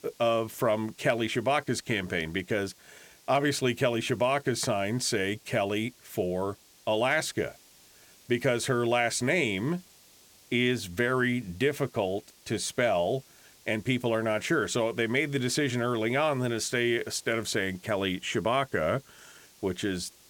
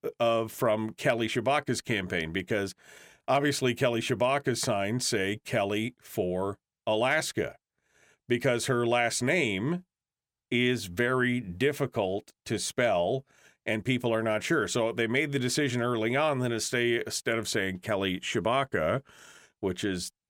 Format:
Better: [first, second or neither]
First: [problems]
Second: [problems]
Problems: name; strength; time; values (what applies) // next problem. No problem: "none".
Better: second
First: hiss; faint; throughout; 25 dB below the speech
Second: none